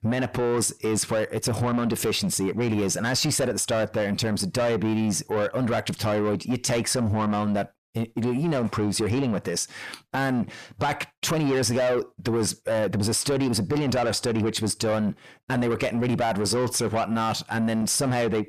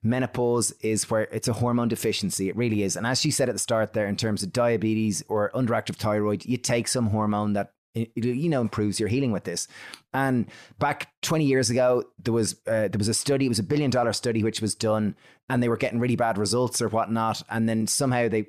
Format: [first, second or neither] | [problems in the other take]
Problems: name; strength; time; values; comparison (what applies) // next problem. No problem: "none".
second | distortion; slight; 10 dB below the speech